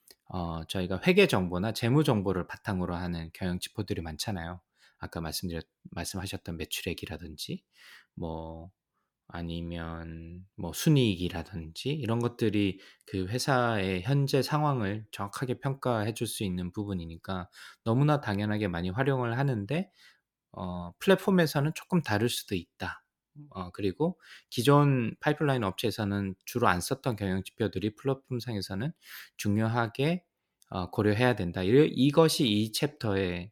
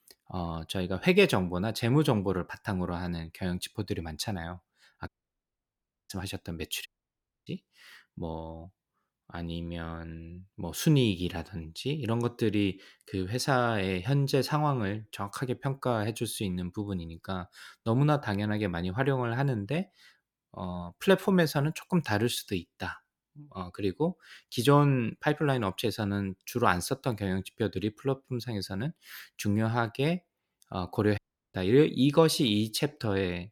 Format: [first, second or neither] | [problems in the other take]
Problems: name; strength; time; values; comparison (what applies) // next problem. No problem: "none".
first | audio cutting out; at 5 s for 1 s, at 7 s for 0.5 s and at 31 s